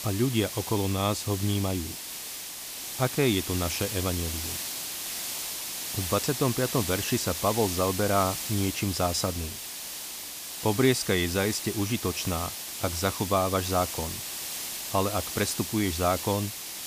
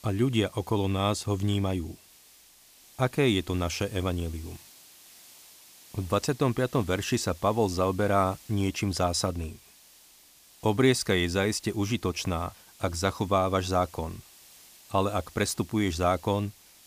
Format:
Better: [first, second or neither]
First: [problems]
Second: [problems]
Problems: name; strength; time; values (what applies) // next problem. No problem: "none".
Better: second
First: hiss; loud; throughout; 5 dB below the speech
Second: hiss; faint; throughout; 25 dB below the speech